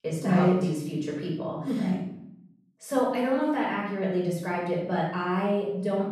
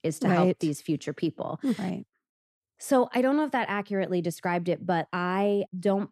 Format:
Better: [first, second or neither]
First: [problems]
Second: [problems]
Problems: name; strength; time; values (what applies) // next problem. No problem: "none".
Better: second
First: off-mic speech; far // room echo; noticeable; dies away in 0.7 s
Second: none